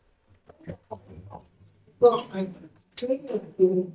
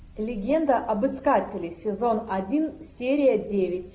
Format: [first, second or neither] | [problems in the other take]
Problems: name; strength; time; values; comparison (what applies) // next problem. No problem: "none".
second | noise reduction (neural mask model DeepFilterNet 3)